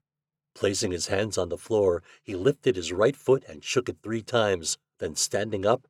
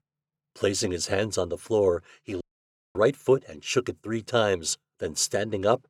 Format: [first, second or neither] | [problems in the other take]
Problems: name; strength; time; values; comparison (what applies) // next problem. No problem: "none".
first | audio cutting out; at 2.5 s for 0.5 s